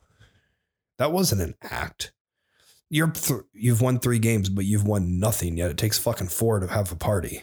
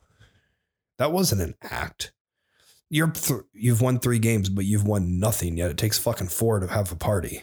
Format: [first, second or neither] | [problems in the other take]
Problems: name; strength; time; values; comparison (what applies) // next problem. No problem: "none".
neither | none